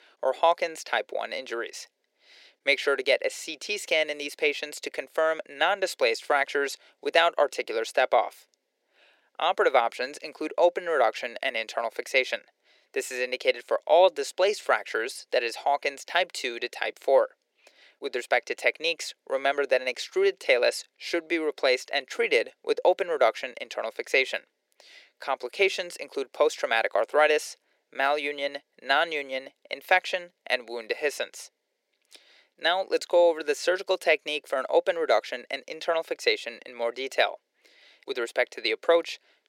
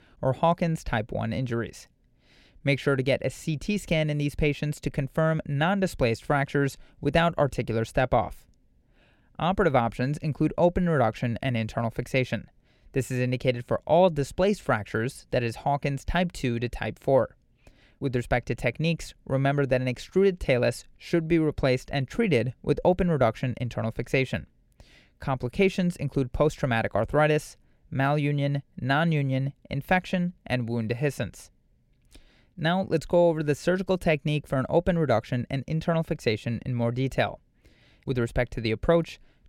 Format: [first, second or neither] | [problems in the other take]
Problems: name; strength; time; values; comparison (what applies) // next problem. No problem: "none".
second | thin; very; fading below 400 Hz